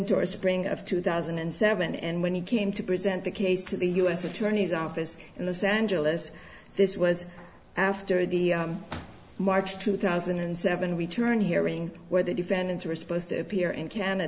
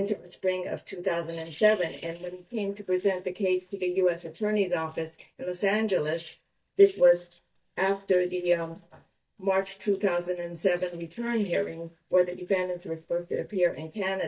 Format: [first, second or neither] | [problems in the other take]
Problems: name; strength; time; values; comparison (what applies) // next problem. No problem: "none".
first | noise reduction (neural mask model DeepFilterNet 3)